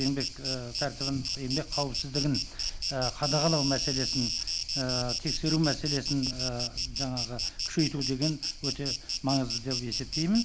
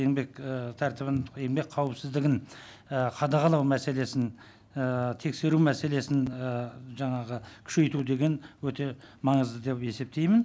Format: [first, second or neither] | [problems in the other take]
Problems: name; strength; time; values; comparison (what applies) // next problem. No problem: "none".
second | background sound (Insect); 2 dB below the speech